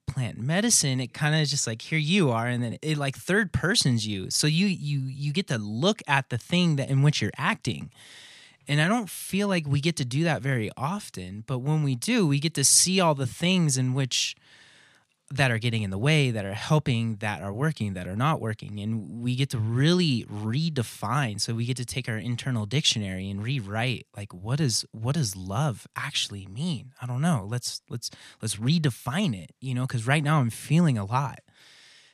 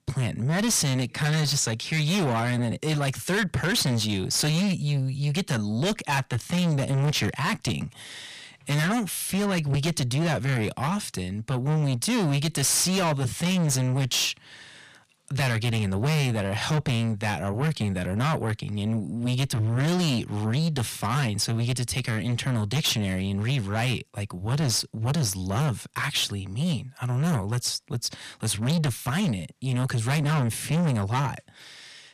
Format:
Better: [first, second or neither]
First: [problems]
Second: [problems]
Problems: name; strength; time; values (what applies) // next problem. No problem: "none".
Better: first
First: none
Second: distortion; heavy; 6 dB below the speech